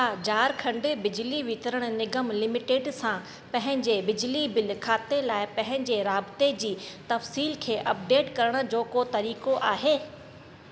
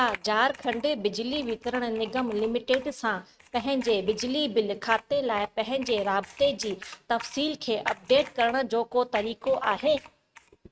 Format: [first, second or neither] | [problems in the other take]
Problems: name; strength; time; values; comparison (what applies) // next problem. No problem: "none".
first | noise reduction (neural mask model RNNoise)